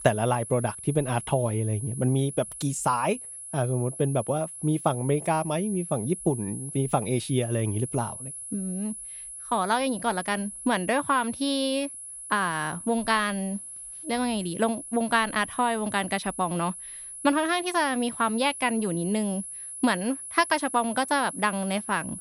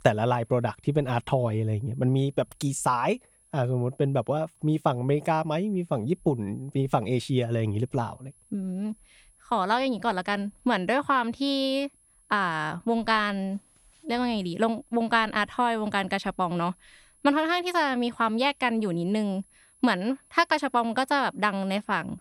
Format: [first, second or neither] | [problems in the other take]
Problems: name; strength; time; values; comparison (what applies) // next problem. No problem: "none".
second | high-pitched whine; loud; throughout; 10.5 kHz, 10 dB below the speech; faint in the second